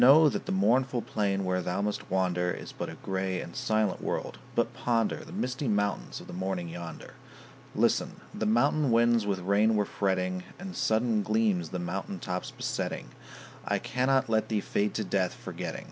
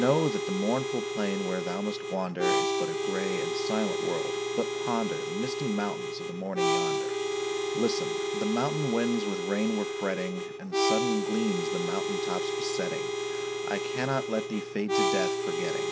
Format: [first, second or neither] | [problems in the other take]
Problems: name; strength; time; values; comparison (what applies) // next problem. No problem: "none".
first | background sound (Harmonica); 2 dB above the speech